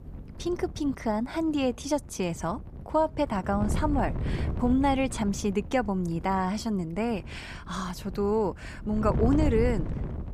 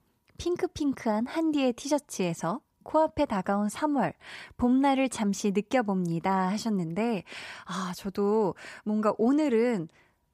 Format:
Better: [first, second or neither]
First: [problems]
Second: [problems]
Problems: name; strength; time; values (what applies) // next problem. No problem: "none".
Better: second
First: wind noise on the microphone; occasional gusts; 15 dB below the speech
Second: none